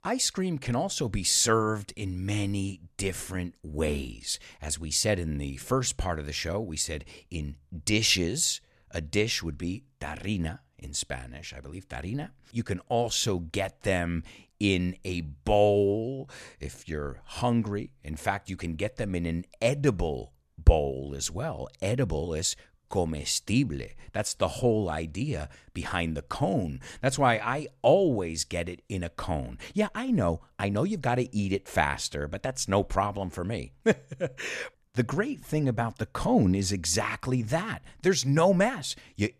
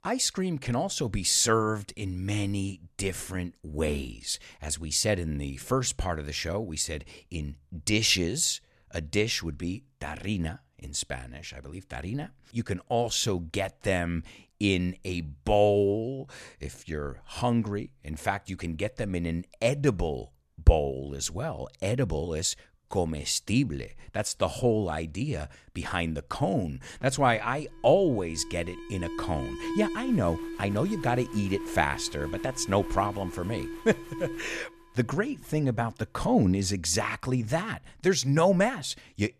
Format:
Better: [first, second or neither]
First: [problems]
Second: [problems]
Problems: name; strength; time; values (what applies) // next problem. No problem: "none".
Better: first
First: none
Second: alarm; noticeable; from 27 to 35 s; peak 4 dB below the speech